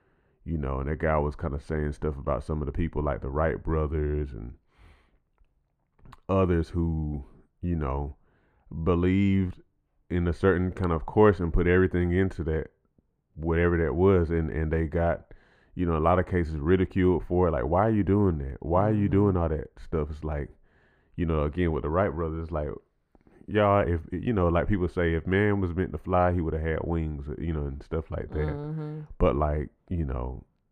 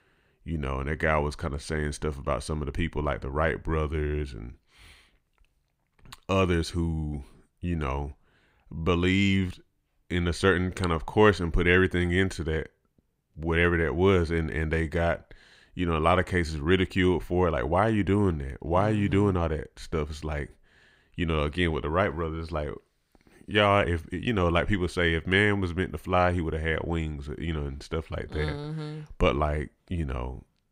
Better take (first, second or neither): second